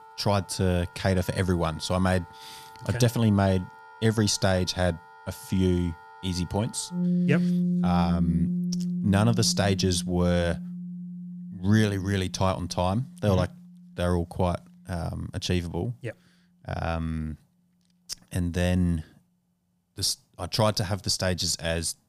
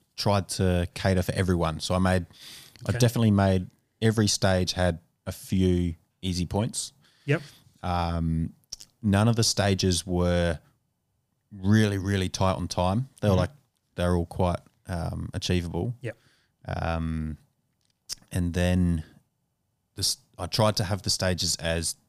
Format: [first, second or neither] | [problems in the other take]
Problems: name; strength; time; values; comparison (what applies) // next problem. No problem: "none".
second | background music; loud; throughout; 3 dB below the speech